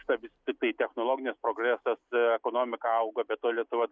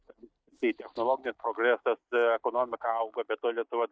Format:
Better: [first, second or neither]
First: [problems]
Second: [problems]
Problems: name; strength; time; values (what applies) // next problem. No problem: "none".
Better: first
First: none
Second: noise reduction (neural mask model DeepFilterNet 3)